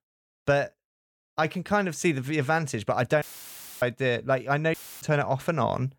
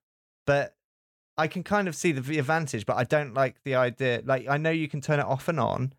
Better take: second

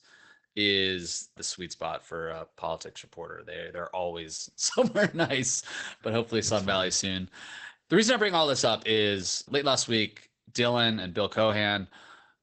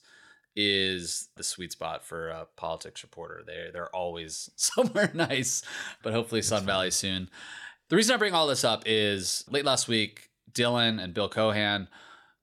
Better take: second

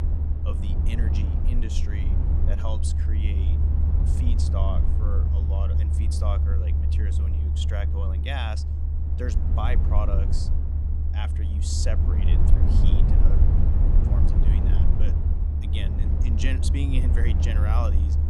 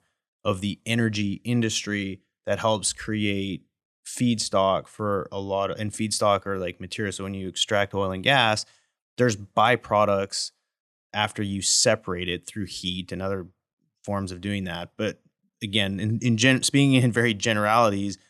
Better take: second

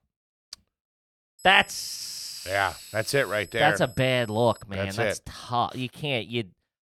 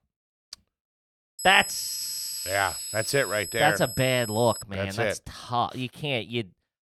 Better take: first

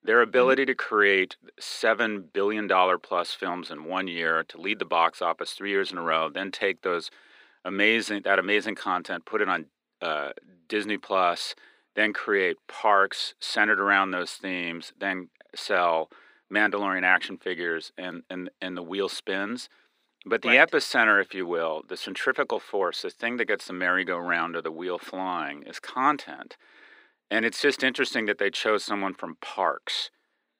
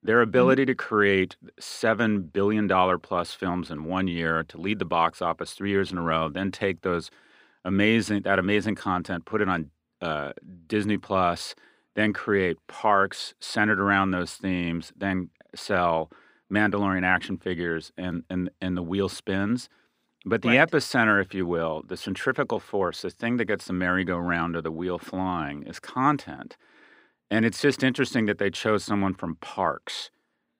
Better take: second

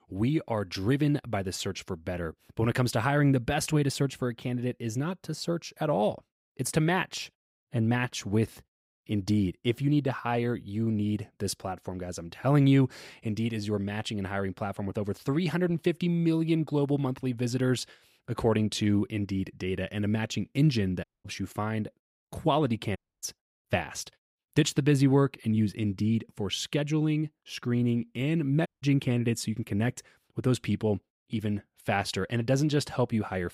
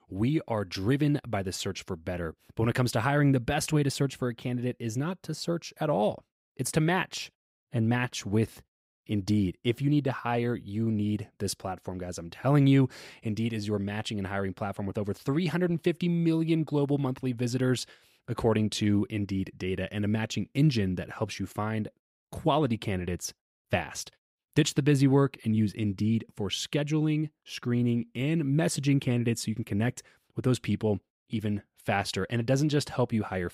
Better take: second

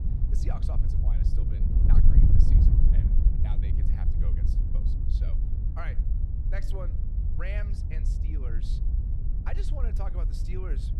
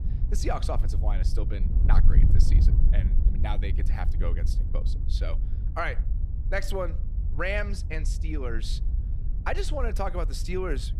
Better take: second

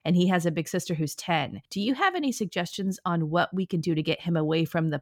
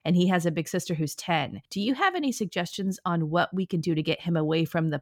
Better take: neither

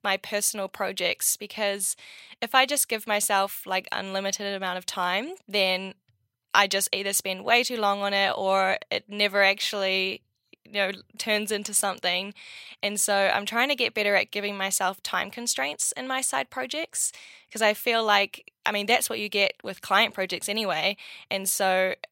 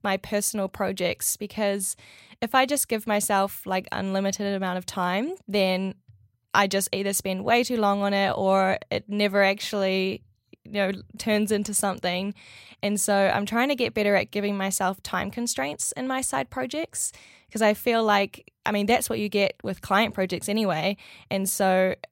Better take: second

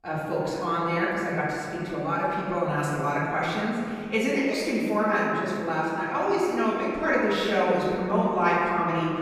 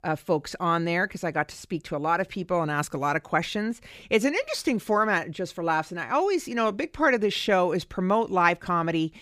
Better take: second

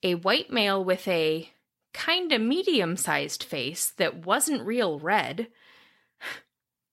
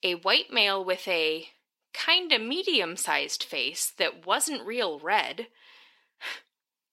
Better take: first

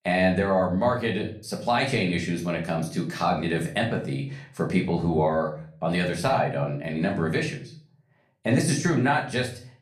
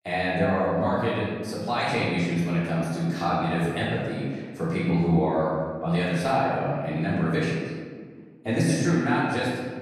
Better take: first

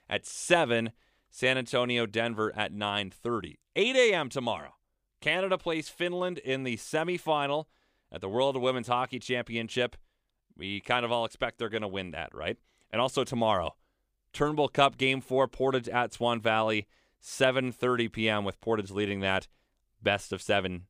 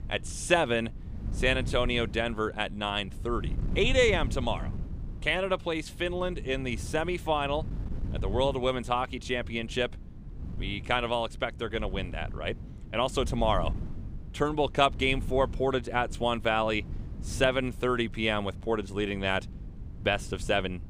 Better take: first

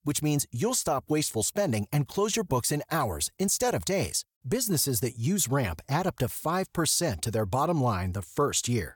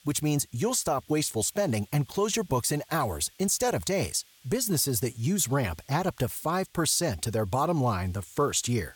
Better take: first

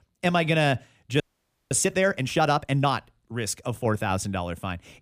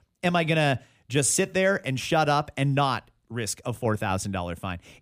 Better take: second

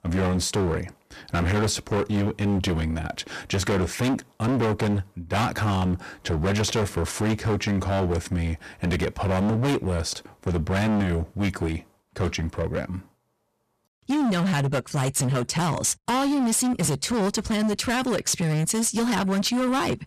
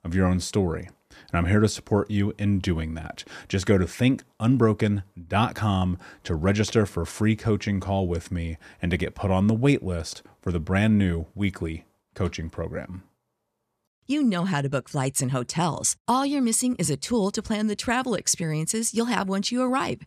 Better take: second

